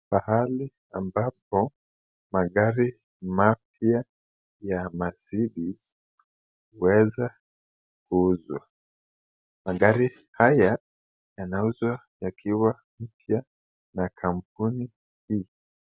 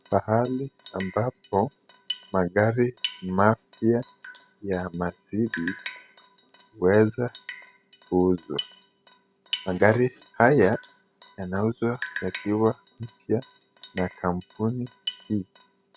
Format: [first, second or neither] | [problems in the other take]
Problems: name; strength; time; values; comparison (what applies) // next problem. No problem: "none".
first | background sound (Drip); 15 dB below the speech